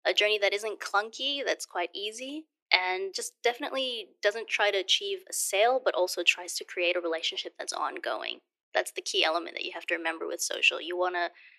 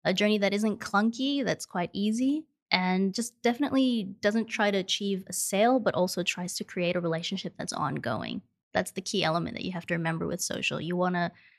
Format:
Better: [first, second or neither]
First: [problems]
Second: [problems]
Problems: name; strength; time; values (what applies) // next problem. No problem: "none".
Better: second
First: thin; very; fading below 350 Hz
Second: none